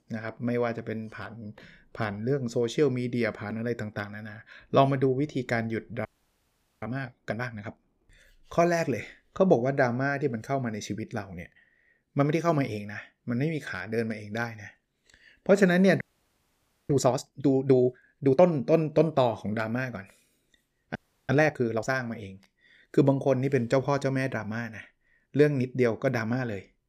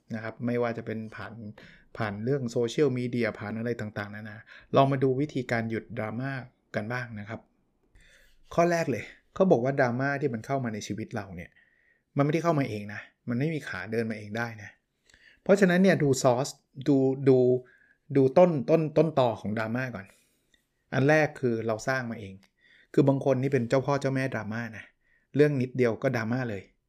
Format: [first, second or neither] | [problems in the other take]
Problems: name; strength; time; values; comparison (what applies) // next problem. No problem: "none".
second | audio freezing; at 6 s for 1 s, at 16 s for 1 s and at 21 s